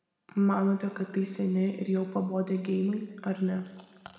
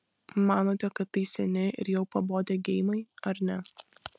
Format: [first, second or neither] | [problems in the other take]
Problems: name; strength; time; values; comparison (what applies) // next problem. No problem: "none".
second | room echo; dies away in 1.5 s